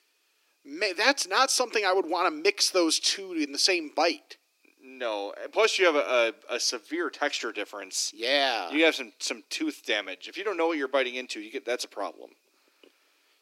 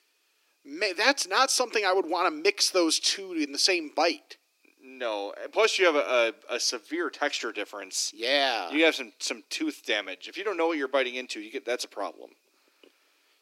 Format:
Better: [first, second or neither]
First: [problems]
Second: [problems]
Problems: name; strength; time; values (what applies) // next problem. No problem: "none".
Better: neither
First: thin; somewhat; fading below 300 Hz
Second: thin; somewhat; fading below 300 Hz